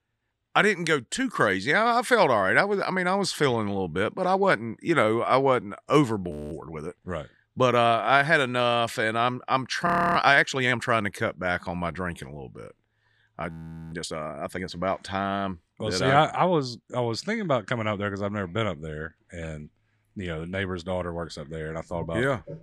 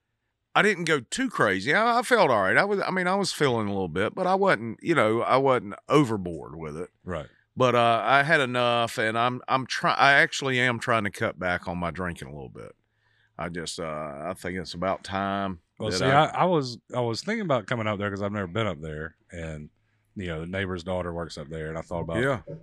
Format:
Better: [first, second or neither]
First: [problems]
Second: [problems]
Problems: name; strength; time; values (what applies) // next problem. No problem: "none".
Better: second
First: audio freezing; at 6.5 s, at 10 s and at 14 s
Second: none